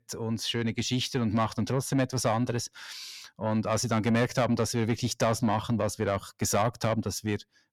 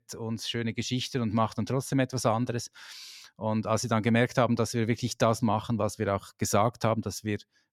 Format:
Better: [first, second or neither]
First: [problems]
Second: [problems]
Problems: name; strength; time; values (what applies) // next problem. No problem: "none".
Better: second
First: distortion; slight; 10 dB below the speech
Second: none